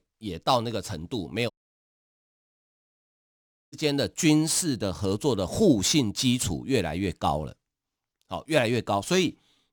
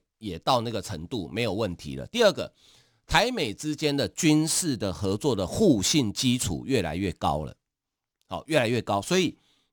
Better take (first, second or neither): second